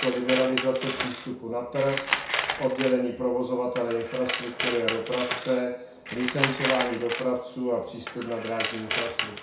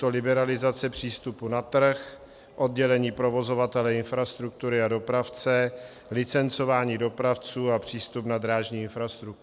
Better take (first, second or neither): second